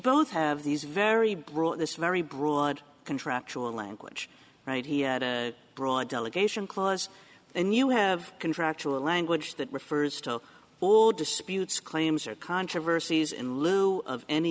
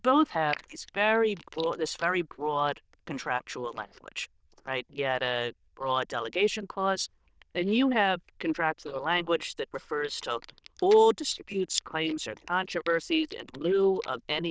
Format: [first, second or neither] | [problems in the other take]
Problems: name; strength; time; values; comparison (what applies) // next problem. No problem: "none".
first | noise reduction (neural diffusion model UNIVERSE++)